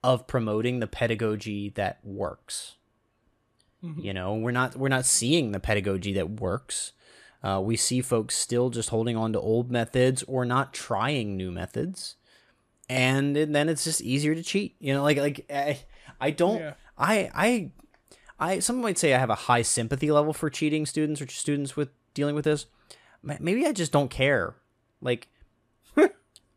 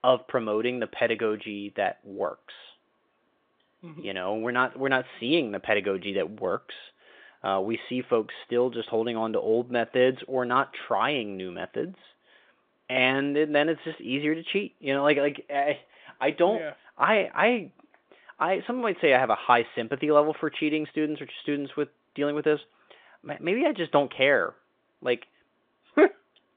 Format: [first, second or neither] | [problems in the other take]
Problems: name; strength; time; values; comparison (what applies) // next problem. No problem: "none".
first | phone-call audio